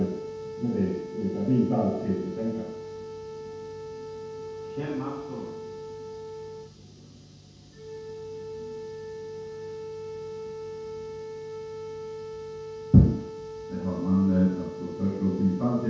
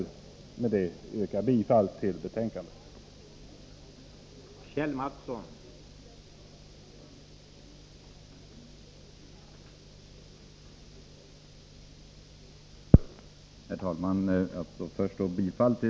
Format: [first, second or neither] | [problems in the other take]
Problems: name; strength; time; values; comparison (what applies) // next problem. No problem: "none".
second | background sound (Wind instrument, woodwind instrument); 9 dB below the speech // room echo; dies away in 0.6 s